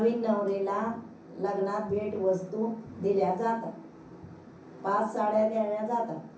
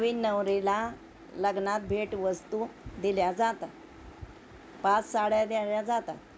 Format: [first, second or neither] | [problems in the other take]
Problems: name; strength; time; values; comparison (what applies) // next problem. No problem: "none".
second | room echo; dies away in 0.6 s